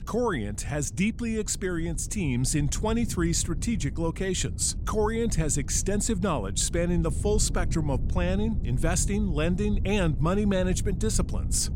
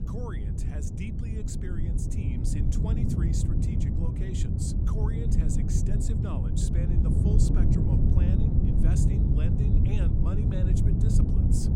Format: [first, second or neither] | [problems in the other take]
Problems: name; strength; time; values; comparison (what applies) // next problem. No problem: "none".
first | wind noise on the microphone; heavy; 5 dB above the speech; occasional gusts in the first